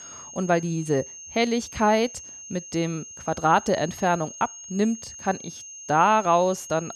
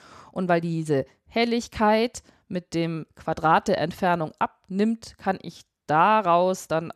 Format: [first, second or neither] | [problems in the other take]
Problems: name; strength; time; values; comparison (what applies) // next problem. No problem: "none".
second | high-pitched whine; noticeable; throughout; 6.5 kHz, 15 dB below the speech